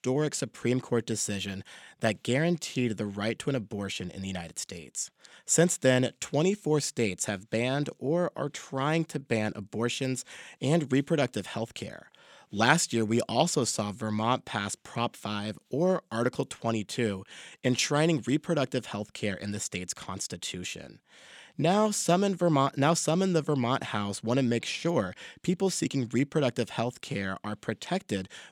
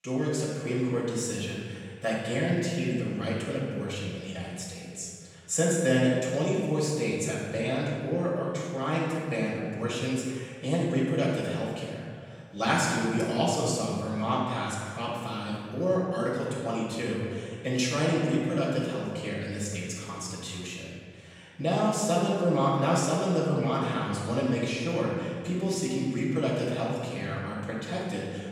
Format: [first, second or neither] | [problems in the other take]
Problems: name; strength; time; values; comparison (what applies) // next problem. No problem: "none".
first | off-mic speech; far // room echo; strong; dies away in 1.9 s